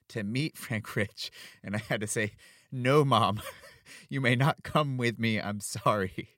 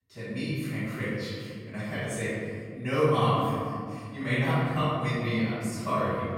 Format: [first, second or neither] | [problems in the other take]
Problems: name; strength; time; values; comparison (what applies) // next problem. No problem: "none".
first | room echo; strong; dies away in 2.2 s // off-mic speech; far